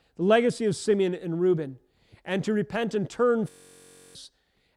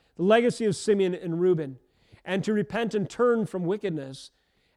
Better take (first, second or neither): second